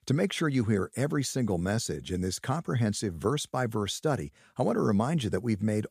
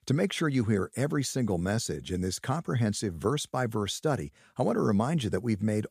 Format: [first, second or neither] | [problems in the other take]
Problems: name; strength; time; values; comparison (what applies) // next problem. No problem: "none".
neither | none